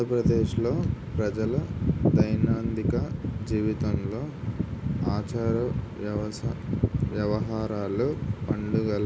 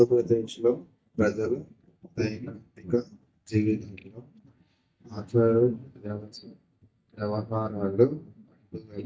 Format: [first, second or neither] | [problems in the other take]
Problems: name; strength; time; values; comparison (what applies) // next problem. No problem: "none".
first | noise reduction (neural mask model DeepFilterNet 3)